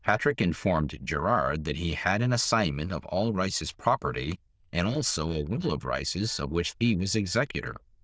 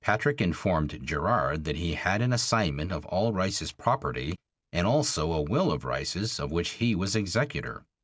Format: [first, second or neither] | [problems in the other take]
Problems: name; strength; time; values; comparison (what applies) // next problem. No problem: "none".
second | noise reduction (neural diffusion model UNIVERSE++)